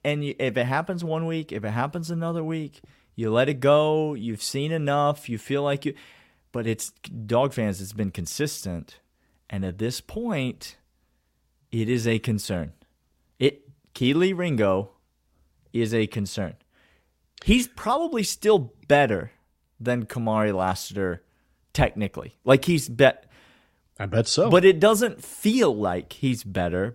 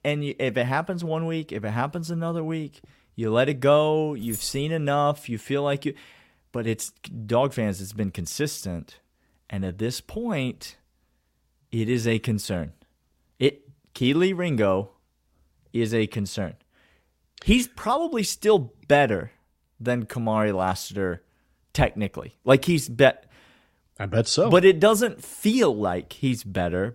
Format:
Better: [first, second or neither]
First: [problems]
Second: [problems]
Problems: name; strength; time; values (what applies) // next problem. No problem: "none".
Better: first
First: none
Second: jangling keys; faint; at 4 s; peak 10 dB below the speech